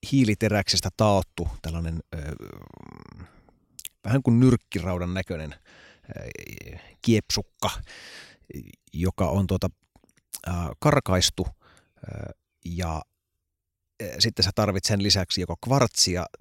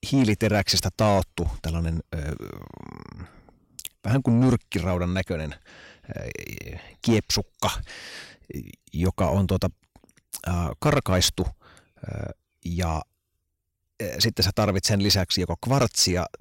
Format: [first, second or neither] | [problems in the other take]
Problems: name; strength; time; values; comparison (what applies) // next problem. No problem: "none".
first | distortion; slight; 10 dB below the speech